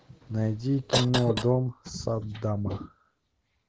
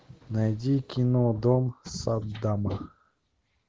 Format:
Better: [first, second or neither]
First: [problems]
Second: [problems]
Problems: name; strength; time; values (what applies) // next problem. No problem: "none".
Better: second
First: background sound (Cough); 4 dB below the speech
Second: none